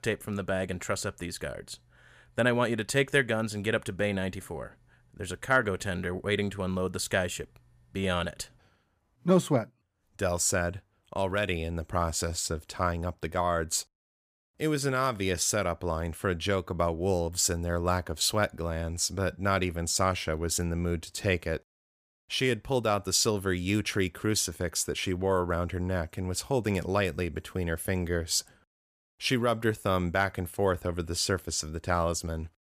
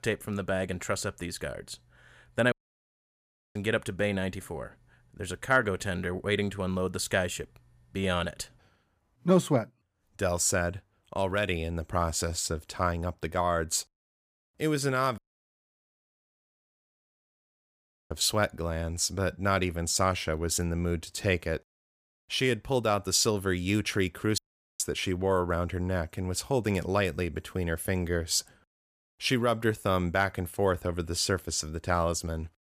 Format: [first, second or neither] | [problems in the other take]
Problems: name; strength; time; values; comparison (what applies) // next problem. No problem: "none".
first | audio cutting out; at 2.5 s for 1 s, at 15 s for 3 s and at 24 s